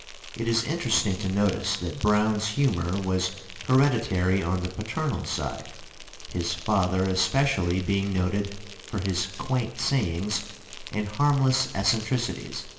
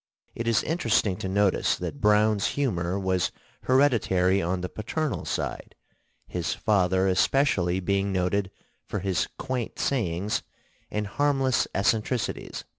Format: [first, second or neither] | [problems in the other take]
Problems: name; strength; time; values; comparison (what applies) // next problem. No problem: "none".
second | background sound (Insect); 15 dB below the speech // room echo; dies away in 0.8 s